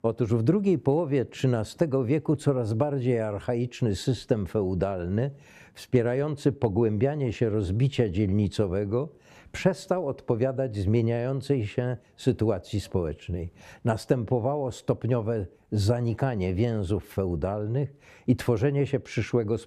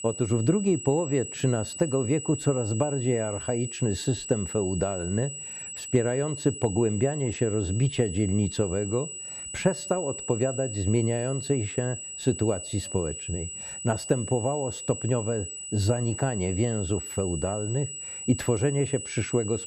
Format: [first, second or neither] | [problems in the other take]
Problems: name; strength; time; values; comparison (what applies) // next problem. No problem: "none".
first | high-pitched whine; loud; throughout; 8 kHz, 7 dB below the speech